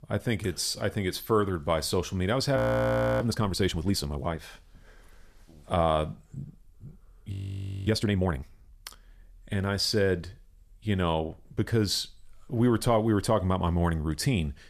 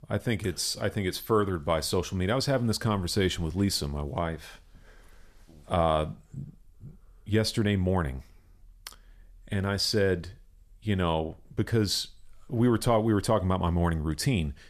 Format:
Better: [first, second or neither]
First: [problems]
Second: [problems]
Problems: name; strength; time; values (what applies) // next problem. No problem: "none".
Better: second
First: audio freezing; at 2.5 s for 0.5 s and at 7.5 s for 0.5 s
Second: none